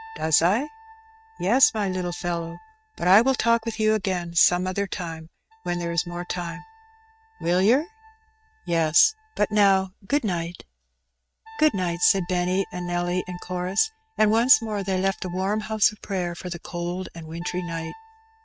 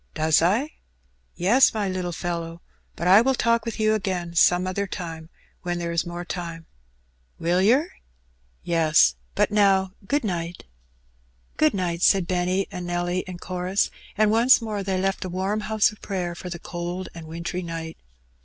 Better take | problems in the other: second | noise reduction (neural mask model RNNoise)

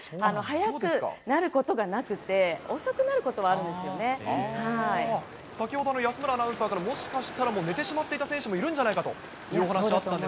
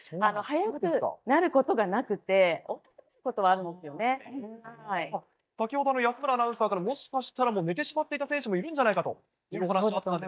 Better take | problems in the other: first | noise reduction (neural mask model DeepFilterNet 3)

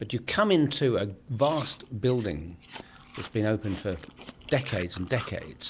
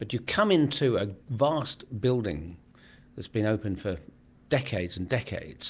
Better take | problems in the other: second | background sound (Chewing, mastication); 19 dB below the speech

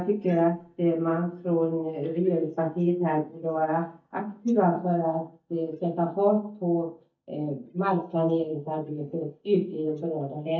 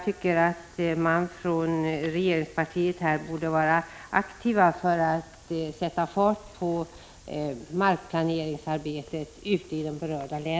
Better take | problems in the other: second | noise reduction (neural mask model DeepFilterNet 3)

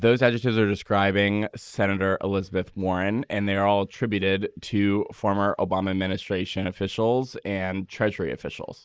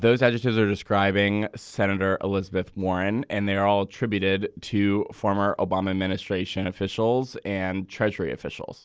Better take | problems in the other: second | noise reduction (neural mask model Resemble Enhance denoiser)

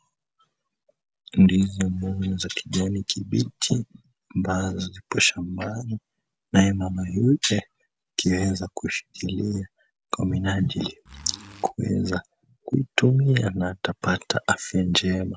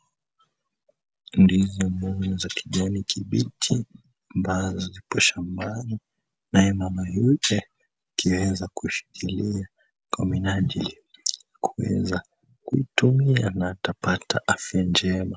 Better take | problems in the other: second | background sound (Zipper (clothing)); 19 dB below the speech

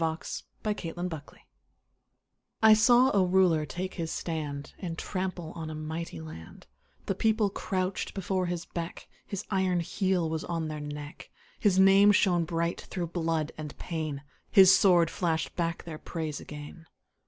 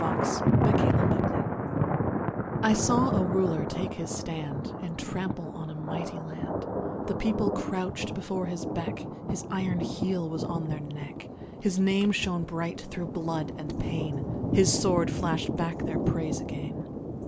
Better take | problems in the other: first | background sound (Thunder); 1 dB above the speech

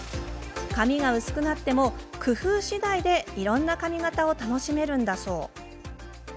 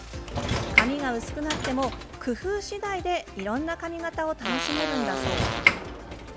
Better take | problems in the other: first | background sound (Fart + Sliding door / Train); 1 dB above the speech

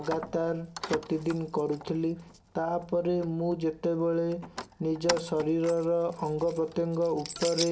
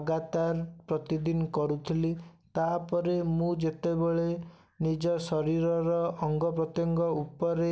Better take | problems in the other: second | background sound (Keys jangling); 12 dB below the speech // room echo; dies away in 0.3 s

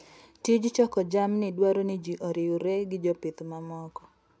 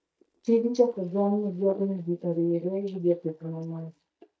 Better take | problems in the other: first | noise reduction (neural mask model DeepFilterNet 3)

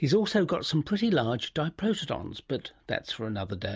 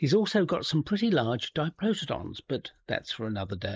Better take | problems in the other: first | noise reduction (neural mask model Resemble Enhance denoiser)

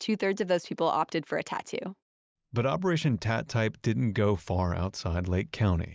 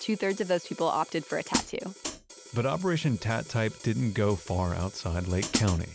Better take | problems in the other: first | background sound (Hi-hat); 10 dB below the speech

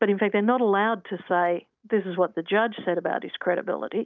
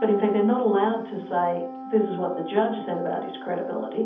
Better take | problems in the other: first | background sound (Wind instrument, woodwind instrument); 12 dB below the speech // room echo; dies away in 0.7 s

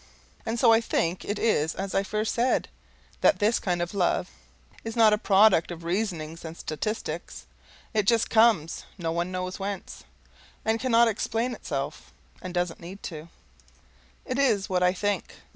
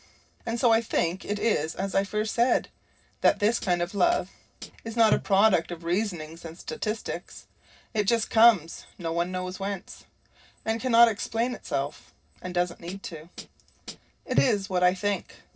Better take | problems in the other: first | noise reduction (neural separator model SepFormer DNS4)

